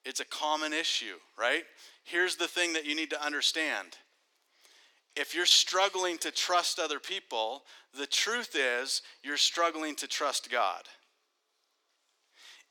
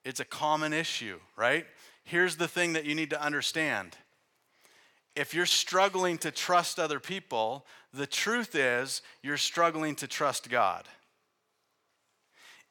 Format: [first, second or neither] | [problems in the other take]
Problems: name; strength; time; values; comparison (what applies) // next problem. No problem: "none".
second | thin; very slightly; fading below 250 Hz